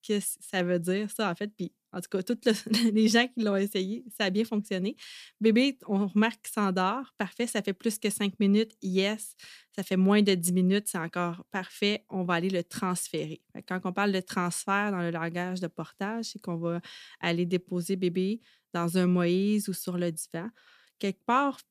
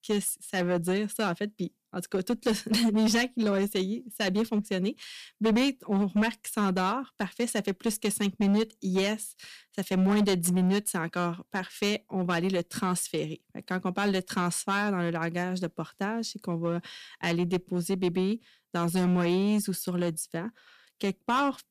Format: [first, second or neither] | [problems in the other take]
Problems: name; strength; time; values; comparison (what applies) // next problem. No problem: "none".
first | distortion; slight; 7% of the sound clipped